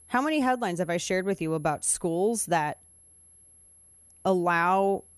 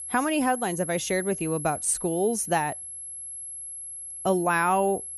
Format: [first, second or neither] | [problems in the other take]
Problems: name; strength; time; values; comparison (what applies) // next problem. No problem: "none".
first | high-pitched whine; loud; throughout; 11 kHz, 8 dB below the speech; faint in the first